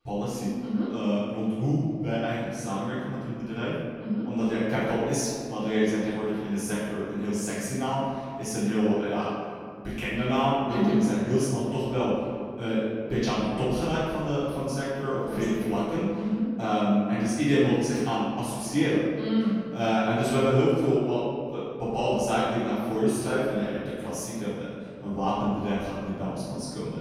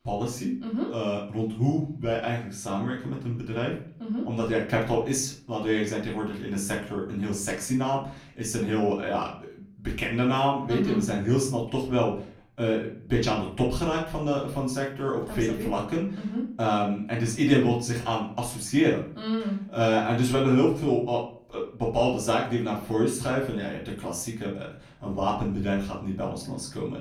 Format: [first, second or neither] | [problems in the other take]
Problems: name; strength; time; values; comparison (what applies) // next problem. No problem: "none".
second | room echo; strong; dies away in 1.9 s; slight in the second // off-mic speech; far; far in the second